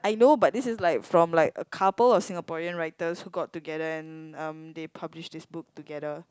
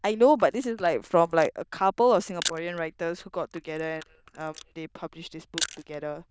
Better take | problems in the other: first | noise reduction (neural diffusion model UNIVERSE++)

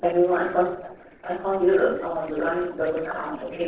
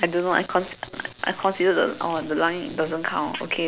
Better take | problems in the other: second | noise reduction (neural separator model SepFormer DNS4)

